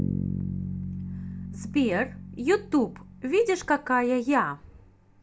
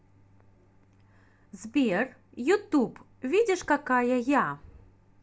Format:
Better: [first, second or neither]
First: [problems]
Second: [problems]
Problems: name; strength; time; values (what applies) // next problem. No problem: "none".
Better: second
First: background sound (Bass guitar); 8 dB below the speech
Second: none